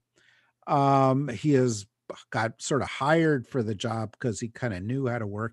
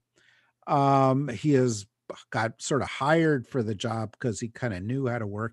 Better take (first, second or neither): neither